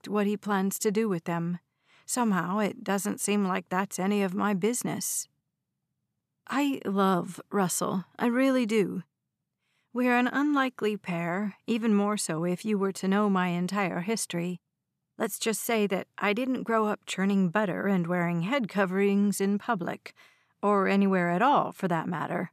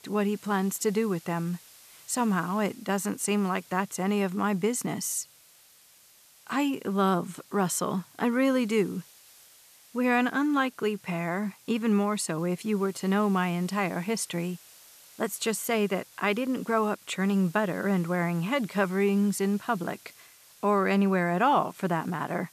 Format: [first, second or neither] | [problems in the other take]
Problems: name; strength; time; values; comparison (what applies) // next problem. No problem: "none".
first | hiss; faint; throughout; 25 dB below the speech